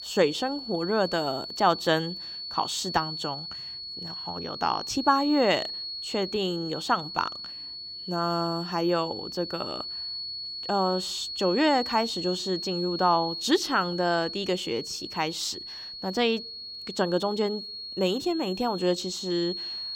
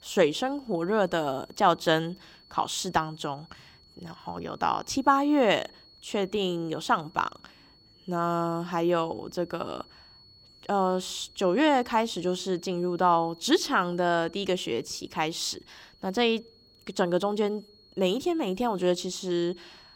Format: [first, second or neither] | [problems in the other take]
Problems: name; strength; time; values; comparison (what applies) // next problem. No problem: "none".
second | high-pitched whine; loud; throughout; 4.5 kHz, 7 dB below the speech; faint in the second